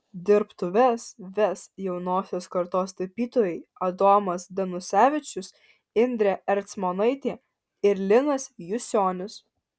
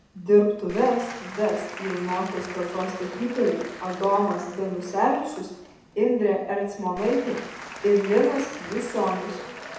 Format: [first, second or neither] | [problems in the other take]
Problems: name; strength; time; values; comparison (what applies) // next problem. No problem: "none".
first | background sound (Applause / Crowd); 15 dB below the speech // room echo; dies away in 0.8 s